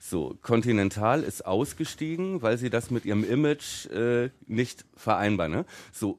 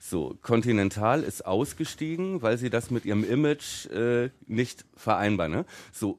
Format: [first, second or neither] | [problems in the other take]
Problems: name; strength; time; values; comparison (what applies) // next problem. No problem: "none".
neither | none